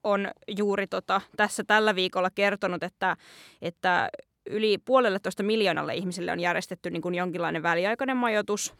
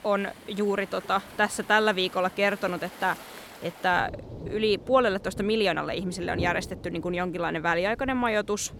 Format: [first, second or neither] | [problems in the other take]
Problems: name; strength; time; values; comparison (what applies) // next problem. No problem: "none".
first | rain or running water; noticeable; throughout; 15 dB below the speech